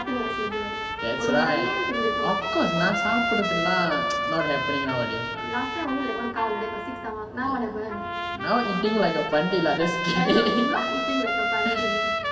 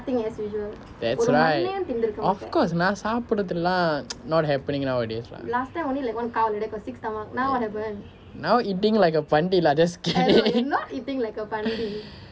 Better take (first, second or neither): second